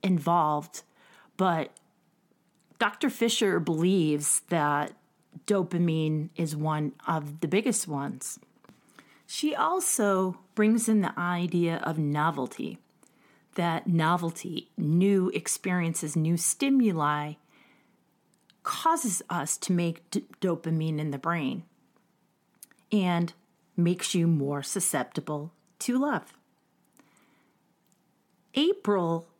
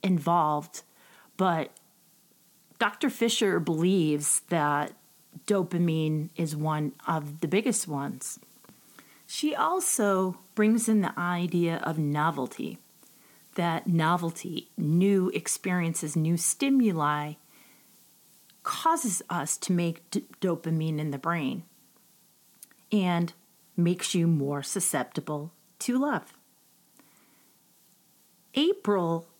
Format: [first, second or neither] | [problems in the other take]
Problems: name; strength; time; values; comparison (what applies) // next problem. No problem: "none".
first | hiss; faint; throughout; 30 dB below the speech